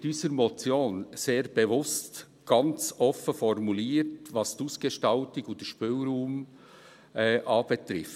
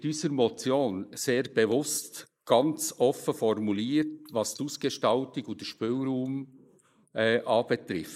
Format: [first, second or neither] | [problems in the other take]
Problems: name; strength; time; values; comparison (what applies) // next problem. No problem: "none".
first | noise reduction (neural mask model Resemble Enhance denoiser)